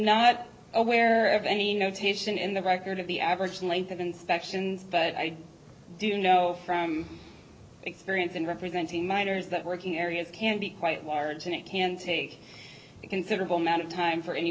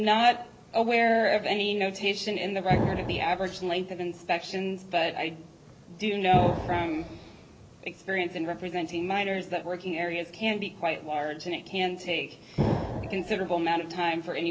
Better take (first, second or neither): first